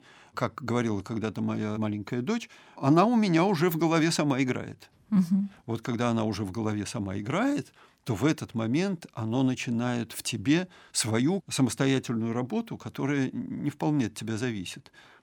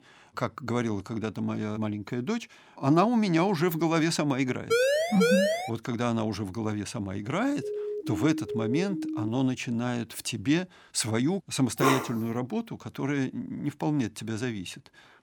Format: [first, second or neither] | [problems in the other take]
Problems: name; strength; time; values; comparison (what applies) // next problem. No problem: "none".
first | siren; loud; from 4.5 to 5.5 s; peak 5 dB above the speech // siren; noticeable; from 7.5 to 9.5 s; peak 4 dB below the speech // dog barking; loud; at 12 s; peak 2 dB above the speech